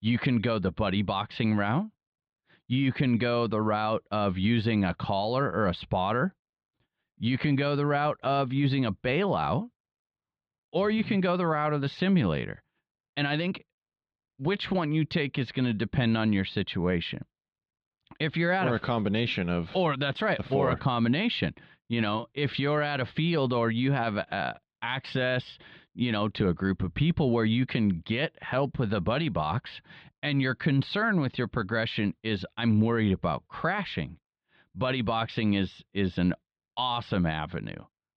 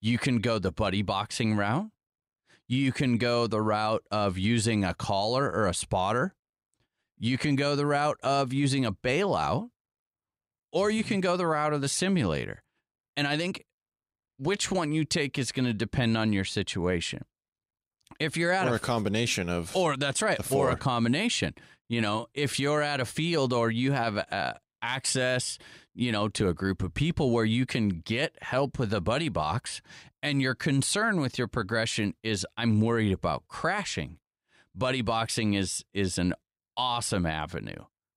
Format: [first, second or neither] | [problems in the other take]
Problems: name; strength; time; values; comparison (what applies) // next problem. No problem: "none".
second | muffled; slightly; fading above 3.5 kHz